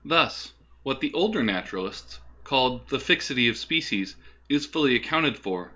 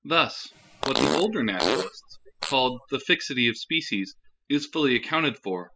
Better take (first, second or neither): first